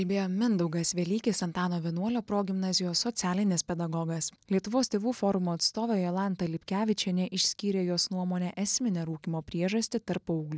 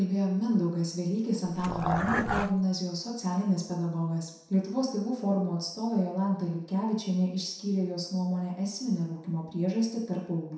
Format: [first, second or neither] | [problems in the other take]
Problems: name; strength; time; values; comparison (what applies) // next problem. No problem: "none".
first | background sound (Dog); 2 dB below the speech // room echo; dies away in 0.7 s